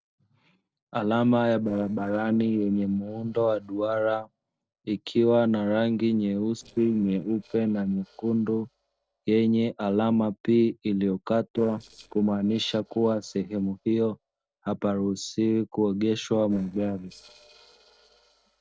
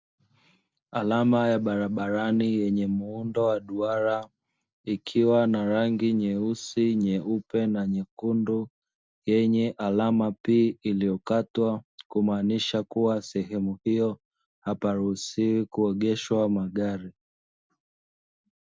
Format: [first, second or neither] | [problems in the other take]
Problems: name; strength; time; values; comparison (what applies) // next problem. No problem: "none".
second | noise reduction (neural separator model SepFormer DNS4)